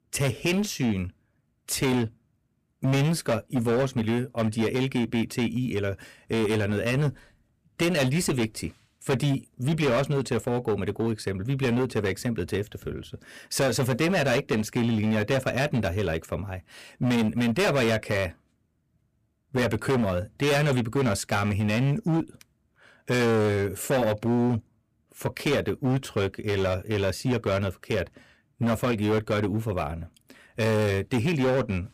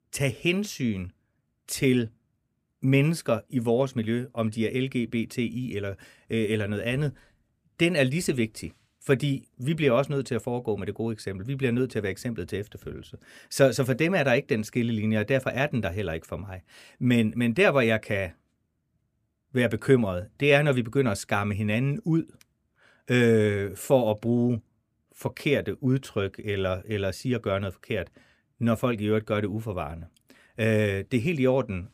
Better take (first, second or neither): second